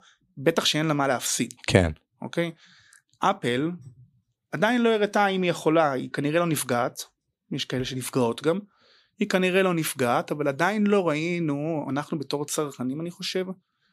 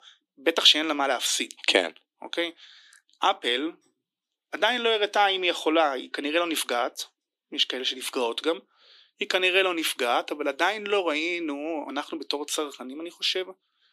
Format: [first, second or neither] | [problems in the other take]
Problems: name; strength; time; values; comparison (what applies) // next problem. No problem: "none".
first | thin; somewhat; fading below 300 Hz